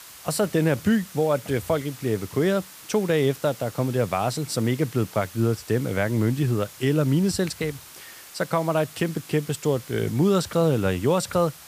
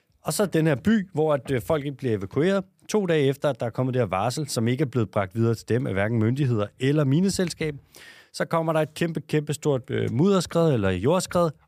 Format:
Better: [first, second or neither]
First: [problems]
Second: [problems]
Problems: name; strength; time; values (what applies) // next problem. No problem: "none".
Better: second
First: hiss; noticeable; throughout; 20 dB below the speech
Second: none